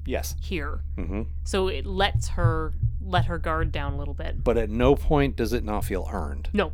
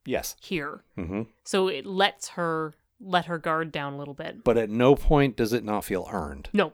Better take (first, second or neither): second